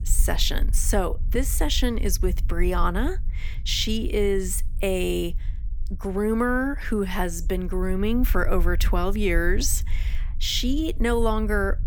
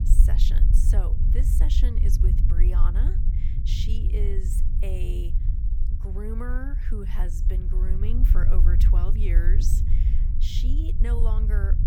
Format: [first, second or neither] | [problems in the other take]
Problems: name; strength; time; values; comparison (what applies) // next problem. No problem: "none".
first | low rumble; loud; throughout; 4 dB below the speech; faint in the first